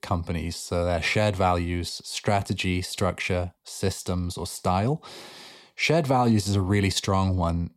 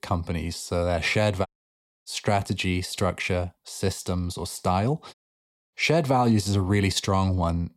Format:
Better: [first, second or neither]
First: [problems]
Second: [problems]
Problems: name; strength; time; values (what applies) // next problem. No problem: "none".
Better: first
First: none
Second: audio cutting out; at 1.5 s for 0.5 s and at 5 s for 0.5 s